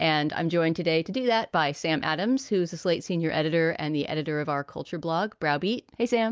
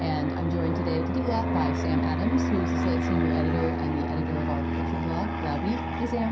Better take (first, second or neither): first